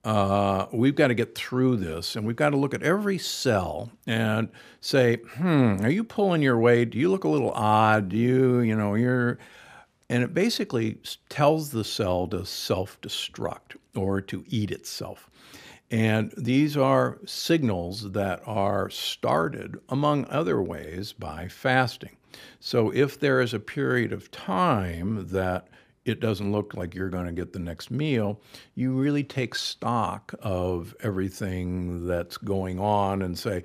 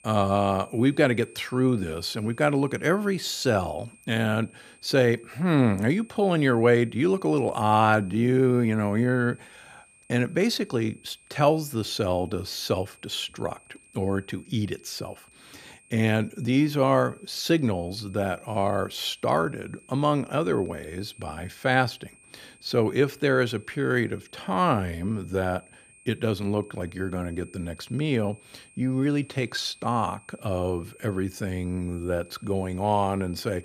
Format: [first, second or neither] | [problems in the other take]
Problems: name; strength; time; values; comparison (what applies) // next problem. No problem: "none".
first | high-pitched whine; faint; throughout; 2.5 kHz, 25 dB below the speech